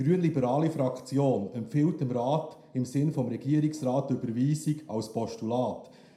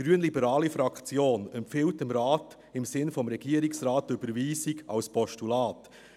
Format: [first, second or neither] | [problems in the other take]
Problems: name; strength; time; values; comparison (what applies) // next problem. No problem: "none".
second | room echo; dies away in 0.4 s